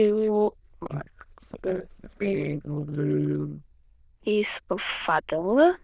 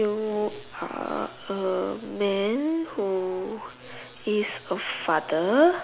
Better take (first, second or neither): second